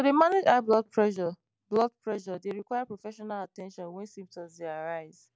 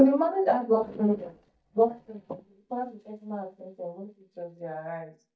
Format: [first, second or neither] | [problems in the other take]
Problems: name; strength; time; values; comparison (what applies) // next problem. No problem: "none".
first | noise reduction (neural mask model DeepFilterNet 3)